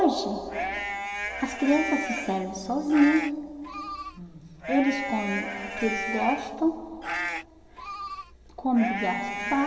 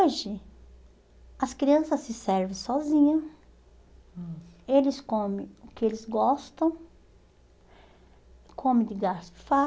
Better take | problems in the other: second | background sound (Livestock, farm animals, working animals); 6 dB below the speech // room echo; dies away in 2.9 s

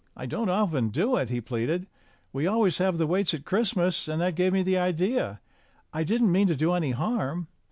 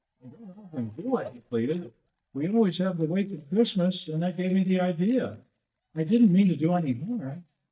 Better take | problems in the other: first | noise reduction (neural mask model DeepFilterNet 3)

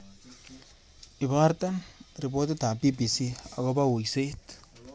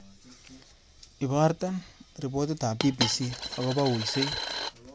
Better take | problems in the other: first | background sound (Coin (dropping)); 3 dB below the speech

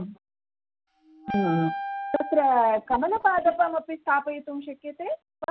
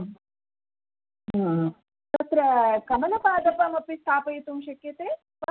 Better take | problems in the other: second | background sound (Wind instrument, woodwind instrument); 8 dB below the speech

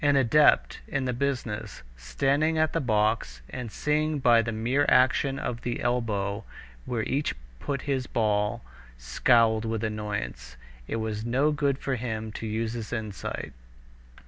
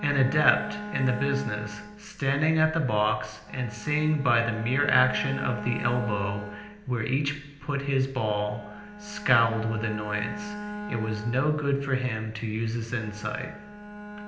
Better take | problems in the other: first | background sound (Bowed string instrument); 12 dB below the speech // room echo; dies away in 0.8 s

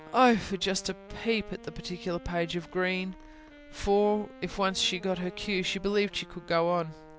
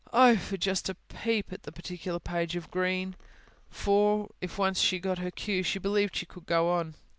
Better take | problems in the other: second | background sound (Wind instrument, woodwind instrument); 19 dB below the speech

